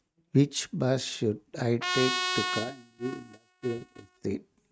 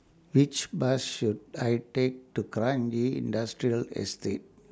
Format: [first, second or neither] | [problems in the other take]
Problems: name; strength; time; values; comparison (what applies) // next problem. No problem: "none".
second | noise reduction (neural mask model RNNoise)